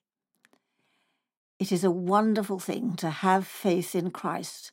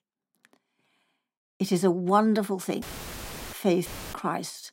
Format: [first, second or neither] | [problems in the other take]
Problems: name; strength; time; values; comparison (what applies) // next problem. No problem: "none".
first | audio cutting out; filled with static; at 3 s for 0.5 s and at 4 s